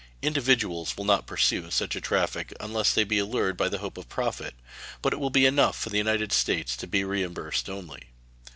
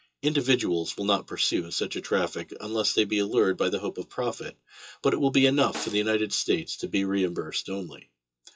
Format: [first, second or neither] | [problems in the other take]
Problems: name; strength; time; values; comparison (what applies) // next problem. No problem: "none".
first | noise reduction (classical method WPE with log-MMSE)